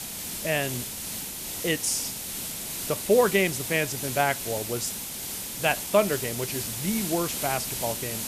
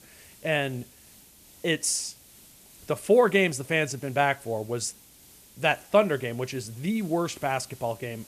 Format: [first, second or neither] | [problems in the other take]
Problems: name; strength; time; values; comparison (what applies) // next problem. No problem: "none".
second | hiss; loud; throughout; 4 dB below the speech; faint in the second